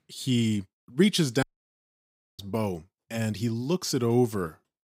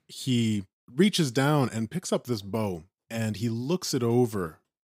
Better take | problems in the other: second | audio cutting out; at 1.5 s for 1 s

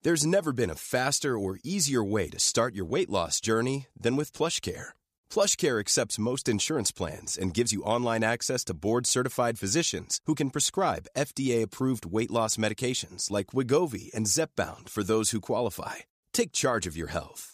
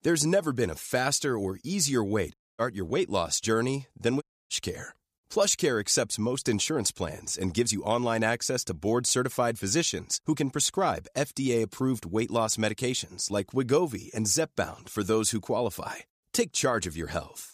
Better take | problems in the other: first | audio cutting out; at 2.5 s and at 4 s

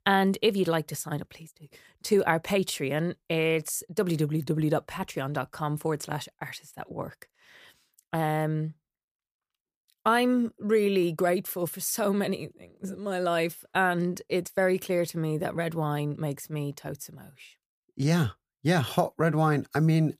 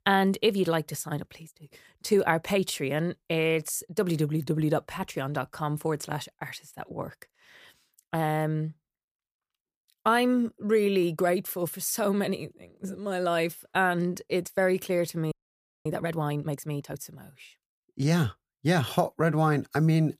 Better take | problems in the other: first | audio freezing; at 15 s for 0.5 s

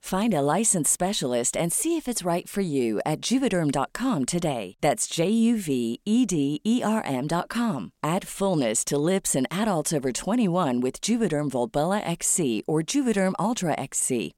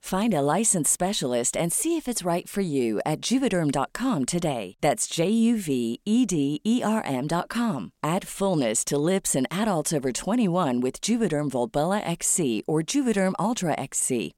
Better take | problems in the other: neither | none

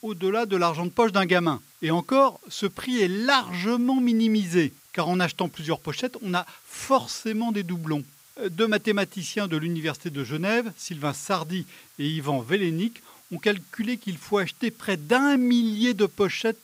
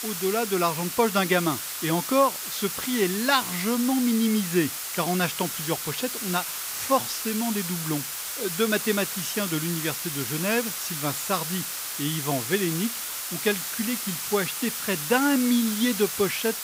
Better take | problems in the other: first | hiss; loud; throughout; 3 dB below the speech; faint in the first

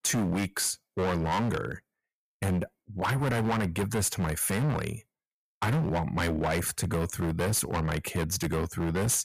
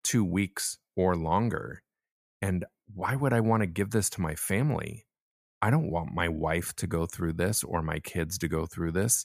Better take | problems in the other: second | distortion; heavy; 18% of the sound clipped

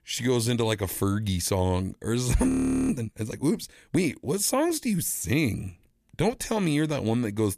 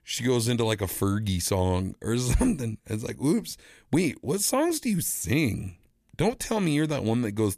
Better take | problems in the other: second | audio freezing; at 2.5 s

